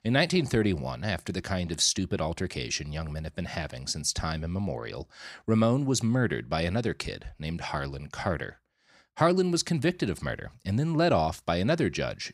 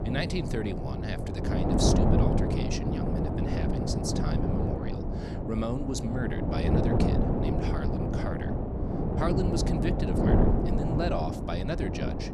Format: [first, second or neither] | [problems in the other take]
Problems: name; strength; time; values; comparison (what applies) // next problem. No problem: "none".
first | wind noise on the microphone; heavy; 3 dB above the speech